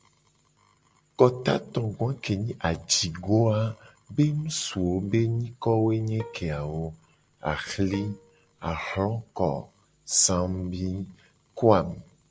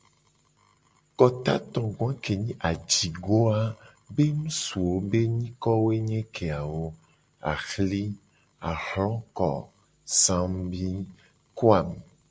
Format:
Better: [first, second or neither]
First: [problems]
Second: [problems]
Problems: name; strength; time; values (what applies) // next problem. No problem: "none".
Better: second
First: background sound (Burping, eructation + Bowed string instrument); 20 dB below the speech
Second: none